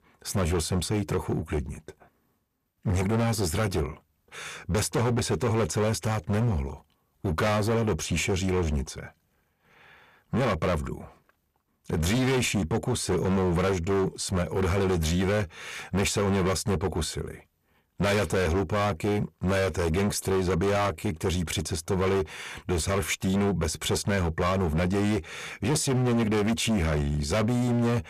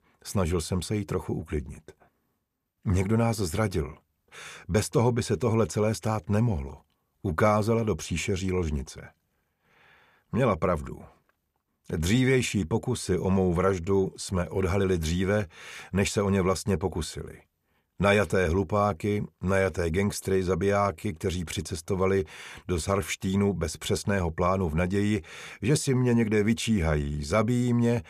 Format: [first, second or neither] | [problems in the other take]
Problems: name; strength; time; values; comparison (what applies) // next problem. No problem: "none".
second | distortion; heavy; 20% of the sound clipped